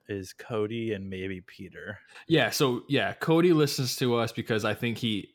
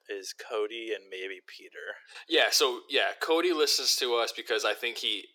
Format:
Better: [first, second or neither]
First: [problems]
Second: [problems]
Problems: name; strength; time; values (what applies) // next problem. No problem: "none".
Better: first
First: none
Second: thin; very; fading below 400 Hz